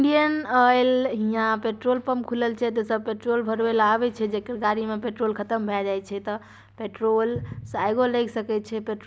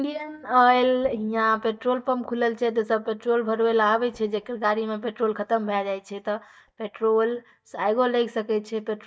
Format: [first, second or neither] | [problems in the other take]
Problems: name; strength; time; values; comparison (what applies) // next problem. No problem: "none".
first | noise reduction (neural mask model DeepFilterNet 3)